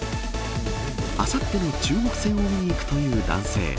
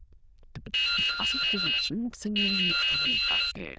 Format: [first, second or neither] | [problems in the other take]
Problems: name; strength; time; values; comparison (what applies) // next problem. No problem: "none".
first | noise reduction (neural diffusion model UNIVERSE++)